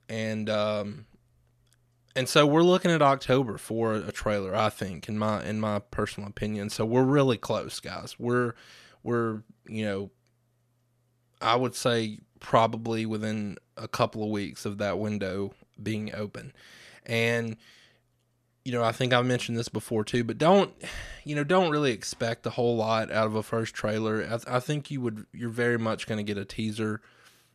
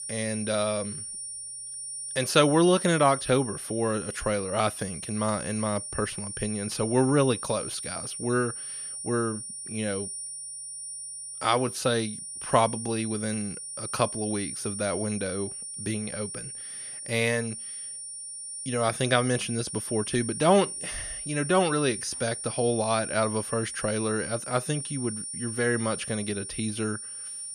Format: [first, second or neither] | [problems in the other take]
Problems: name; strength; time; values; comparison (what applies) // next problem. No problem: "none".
first | high-pitched whine; loud; throughout; 9.5 kHz, 7 dB below the speech